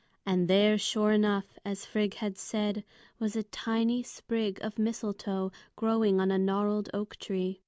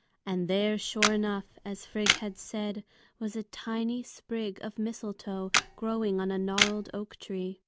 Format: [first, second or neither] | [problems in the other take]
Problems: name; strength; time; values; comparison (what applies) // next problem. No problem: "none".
first | background sound (Camera); 1 dB above the speech